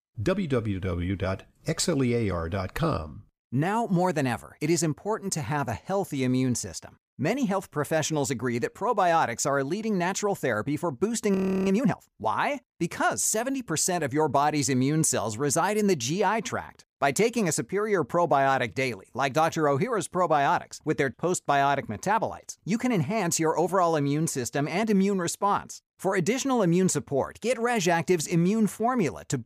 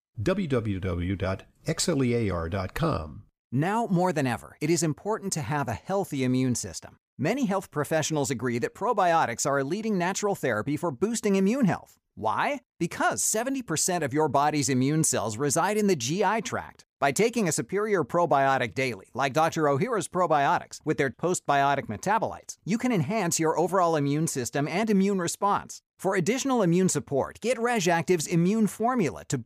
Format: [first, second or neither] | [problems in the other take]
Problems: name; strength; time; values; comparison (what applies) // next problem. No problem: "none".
second | audio freezing; at 11 s